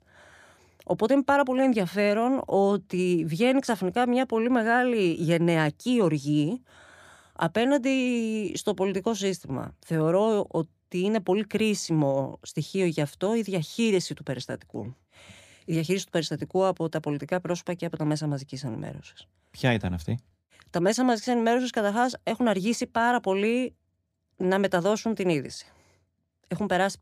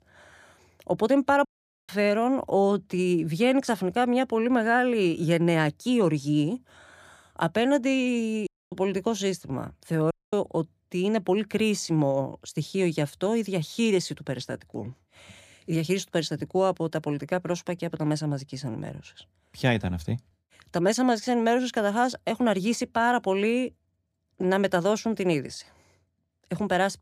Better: first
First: none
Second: audio cutting out; at 1.5 s, at 8.5 s and at 10 s

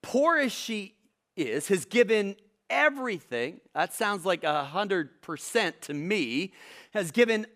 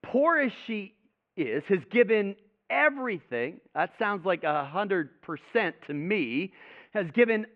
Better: first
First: none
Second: muffled; very; fading above 2.5 kHz

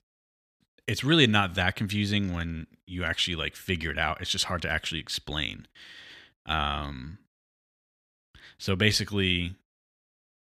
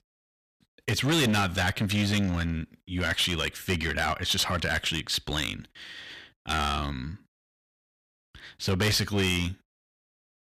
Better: first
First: none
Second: distortion; heavy; 8% of the sound clipped

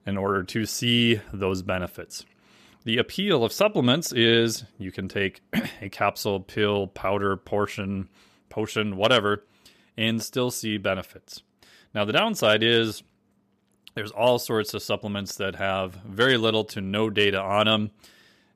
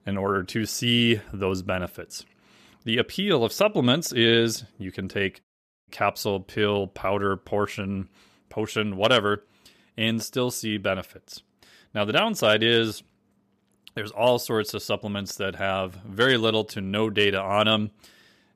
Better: first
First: none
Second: audio cutting out; at 5.5 s

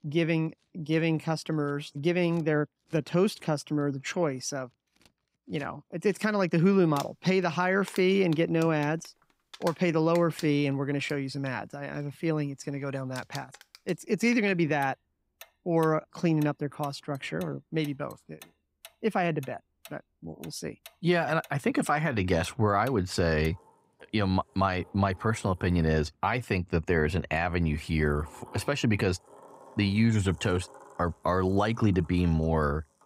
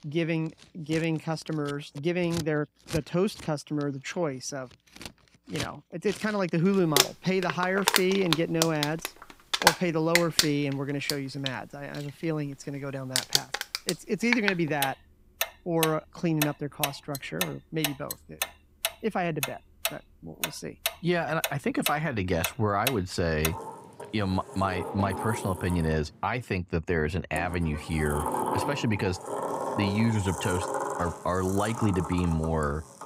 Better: first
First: household noises; faint; throughout; 25 dB below the speech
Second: household noises; loud; throughout; 2 dB below the speech

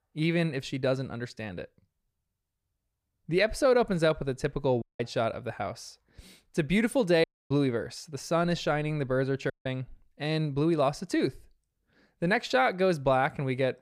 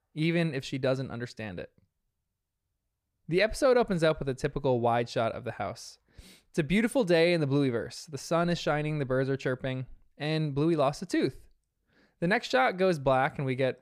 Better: second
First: audio cutting out; at 5 s, at 7 s and at 9.5 s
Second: none

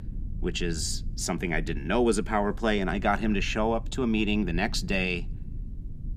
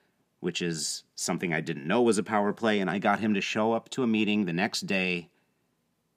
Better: second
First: low rumble; faint; throughout; 25 dB below the speech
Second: none

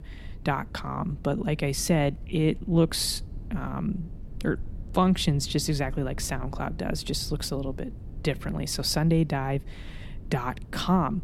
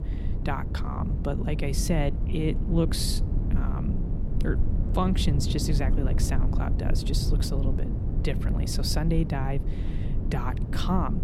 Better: first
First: low rumble; faint; throughout; 25 dB below the speech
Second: low rumble; loud; throughout; 7 dB below the speech

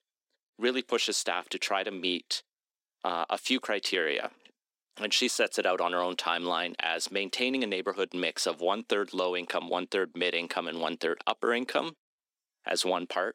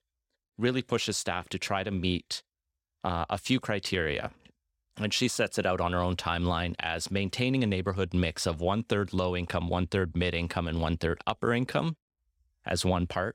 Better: second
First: thin; somewhat; fading below 250 Hz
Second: none

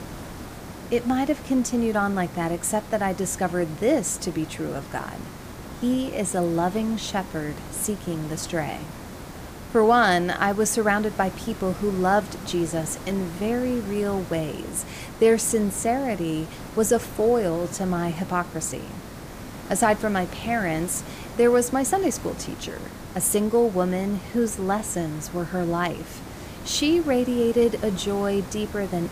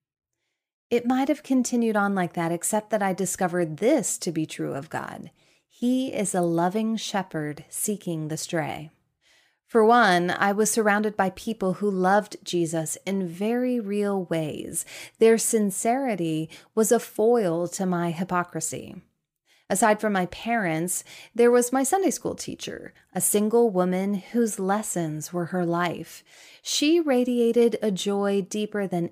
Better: second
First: hiss; noticeable; throughout; 15 dB below the speech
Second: none

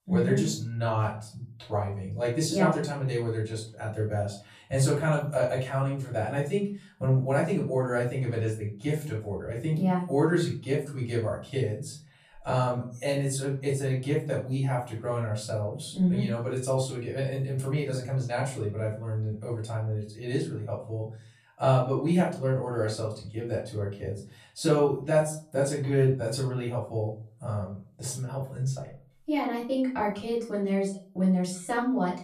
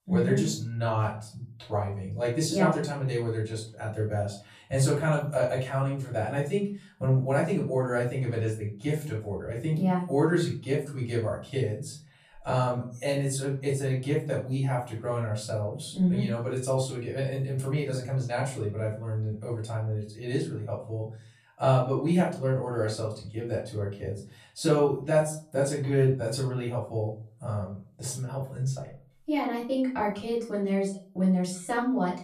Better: neither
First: off-mic speech; far // room echo; slight; dies away in 0.4 s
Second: off-mic speech; far // room echo; slight; dies away in 0.4 s

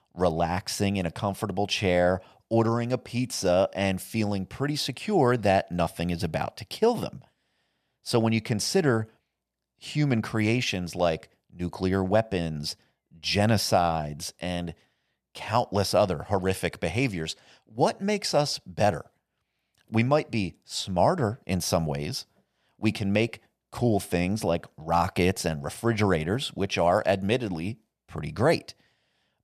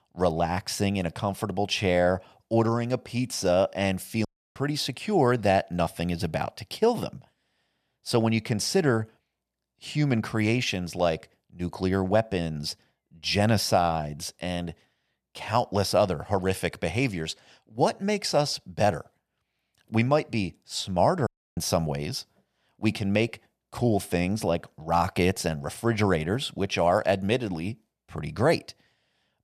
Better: first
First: none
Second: audio cutting out; at 4.5 s and at 21 s

